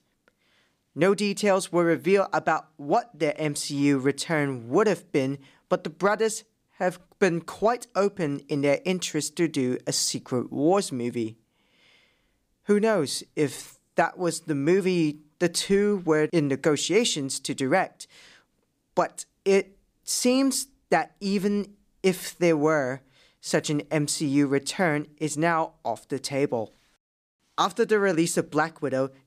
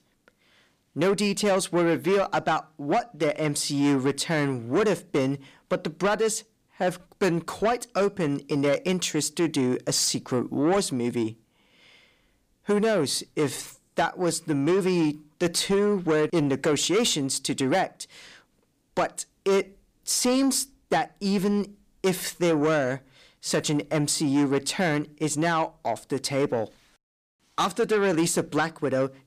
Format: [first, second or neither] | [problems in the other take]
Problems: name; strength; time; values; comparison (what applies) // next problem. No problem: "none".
first | distortion; slight; 10 dB below the speech